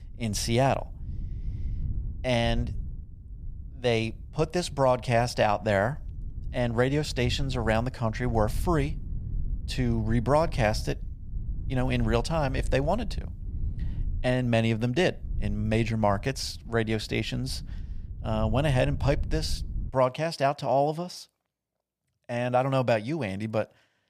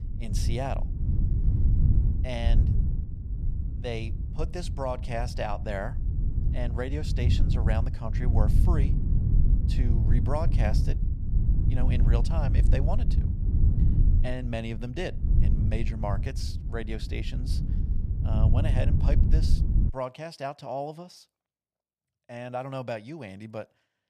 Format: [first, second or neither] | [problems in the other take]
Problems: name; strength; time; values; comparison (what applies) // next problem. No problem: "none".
first | wind noise on the microphone; heavy; until 20 s; 6 dB below the speech; occasional gusts in the first